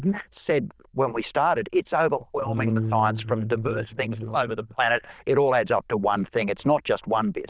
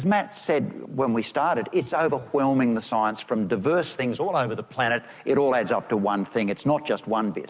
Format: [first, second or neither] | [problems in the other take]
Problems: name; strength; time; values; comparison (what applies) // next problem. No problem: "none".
second | noise reduction (neural diffusion model UNIVERSE++)